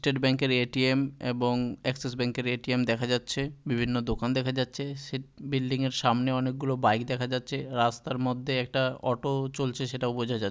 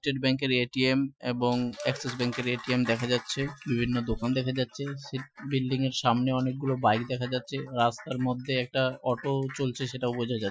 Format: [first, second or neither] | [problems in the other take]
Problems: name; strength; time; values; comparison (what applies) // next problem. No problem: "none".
first | noise reduction (classical method Wiener filter)